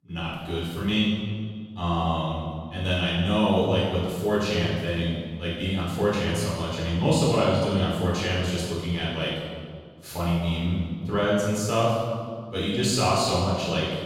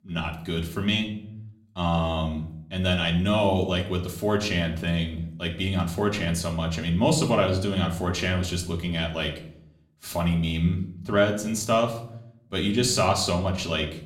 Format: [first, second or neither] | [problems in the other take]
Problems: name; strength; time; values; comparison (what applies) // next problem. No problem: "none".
second | room echo; strong; dies away in 1.6 s; slight in the second // off-mic speech; far; somewhat distant in the second